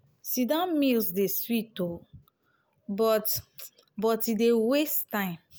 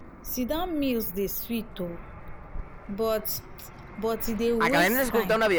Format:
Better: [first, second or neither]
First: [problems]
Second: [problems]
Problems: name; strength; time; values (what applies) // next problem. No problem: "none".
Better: first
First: none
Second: background sound (Fixed-wing aircraft, airplane); as loud as the speech